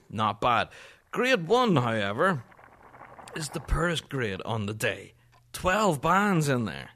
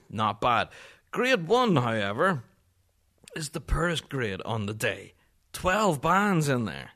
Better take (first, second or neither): second